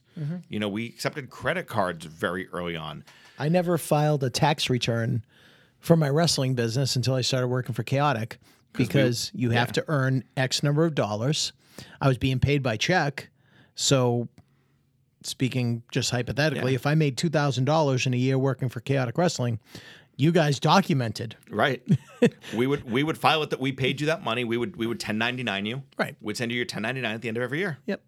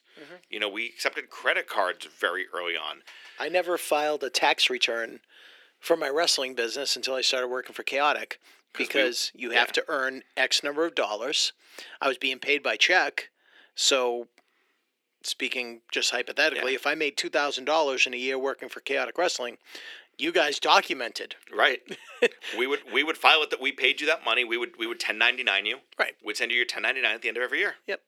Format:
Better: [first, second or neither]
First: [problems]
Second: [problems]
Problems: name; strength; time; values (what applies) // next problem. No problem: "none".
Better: first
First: none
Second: thin; very; fading below 350 Hz